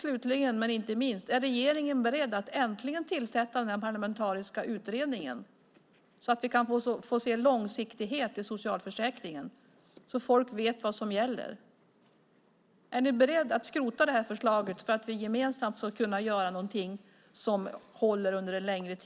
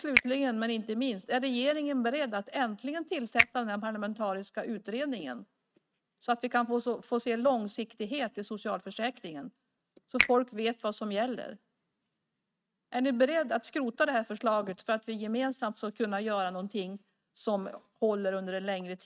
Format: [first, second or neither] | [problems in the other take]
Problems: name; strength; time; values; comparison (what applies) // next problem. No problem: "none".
first | noise reduction (neural mask model RNNoise)